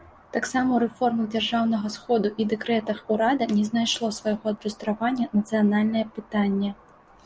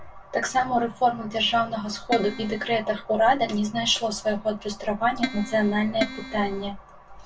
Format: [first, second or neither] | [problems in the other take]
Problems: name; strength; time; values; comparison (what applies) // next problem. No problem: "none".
first | background sound (Keyboard (musical)); 9 dB below the speech // room echo; dies away in 0.1 s